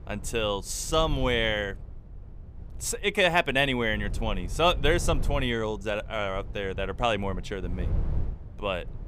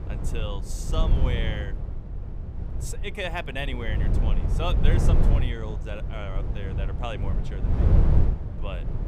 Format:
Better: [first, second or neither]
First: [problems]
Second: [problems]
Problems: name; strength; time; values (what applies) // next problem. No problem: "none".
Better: first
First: low rumble; faint; throughout; 25 dB below the speech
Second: low rumble; loud; throughout; 4 dB below the speech